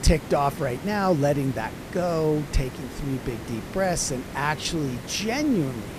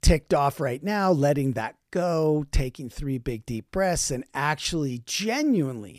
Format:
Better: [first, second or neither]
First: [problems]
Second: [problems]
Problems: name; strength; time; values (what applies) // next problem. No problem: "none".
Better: second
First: hiss; noticeable; throughout; 10 dB below the speech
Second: none